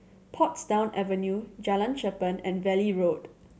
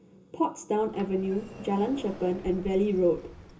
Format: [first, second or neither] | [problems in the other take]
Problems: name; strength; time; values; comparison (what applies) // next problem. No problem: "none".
first | background sound (Sliding door); 16 dB below the speech // room echo; dies away in 0.2 s